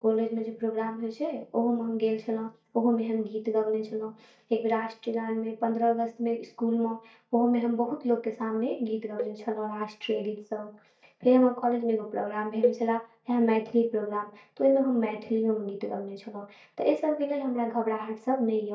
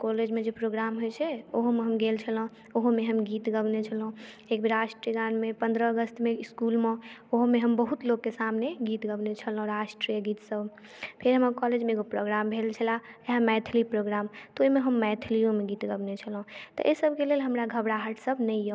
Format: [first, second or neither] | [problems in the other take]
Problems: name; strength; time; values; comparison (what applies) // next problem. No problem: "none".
second | noise reduction (neural mask model DeepFilterNet 3)